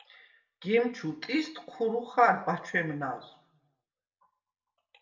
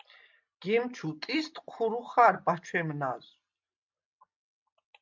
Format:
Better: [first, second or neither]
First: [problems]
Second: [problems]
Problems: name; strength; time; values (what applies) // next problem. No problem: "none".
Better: second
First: room echo; dies away in 0.5 s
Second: none